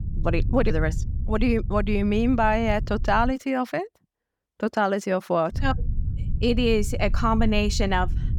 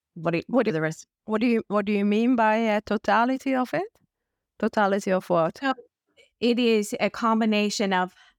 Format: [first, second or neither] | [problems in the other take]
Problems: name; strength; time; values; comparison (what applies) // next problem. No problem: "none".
second | low rumble; faint; until 3.5 s and from 5.5 s on; 20 dB below the speech